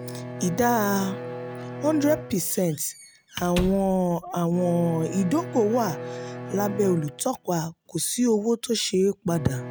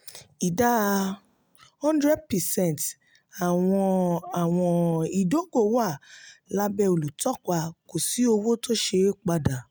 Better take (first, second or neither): second